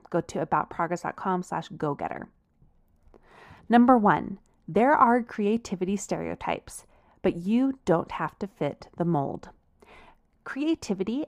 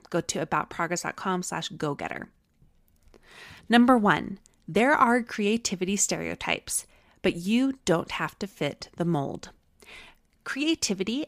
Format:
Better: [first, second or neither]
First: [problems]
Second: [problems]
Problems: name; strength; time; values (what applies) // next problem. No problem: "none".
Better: second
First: muffled; very; fading above 2 kHz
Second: none